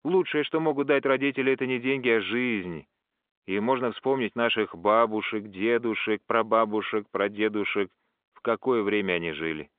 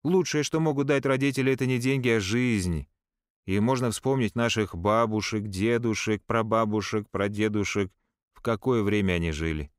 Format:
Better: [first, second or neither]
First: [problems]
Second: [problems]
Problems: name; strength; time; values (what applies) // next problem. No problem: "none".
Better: second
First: phone-call audio; nothing above 3.5 kHz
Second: none